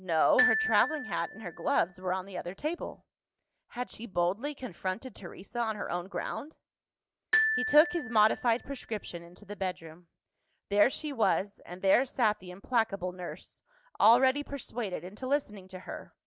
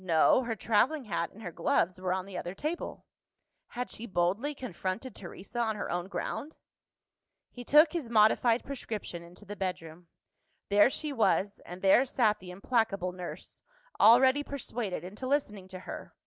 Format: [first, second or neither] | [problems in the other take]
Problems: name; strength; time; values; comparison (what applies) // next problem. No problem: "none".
second | background sound (Glockenspiel); 4 dB below the speech